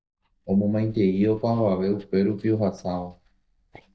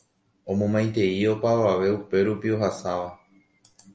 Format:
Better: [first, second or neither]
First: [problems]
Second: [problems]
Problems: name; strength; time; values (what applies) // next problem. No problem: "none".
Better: second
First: noise reduction (neural mask model DeepFilterNet 3)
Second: none